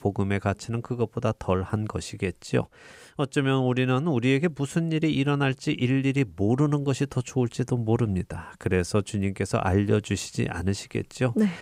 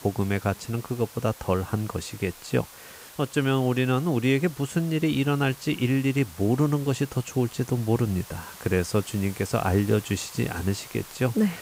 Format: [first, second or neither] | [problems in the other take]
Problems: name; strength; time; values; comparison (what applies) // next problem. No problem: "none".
first | hiss; noticeable; throughout; 15 dB below the speech